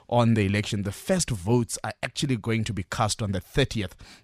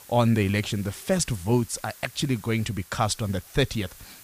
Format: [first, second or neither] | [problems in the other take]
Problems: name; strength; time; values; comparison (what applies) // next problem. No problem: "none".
first | hiss; faint; throughout; 20 dB below the speech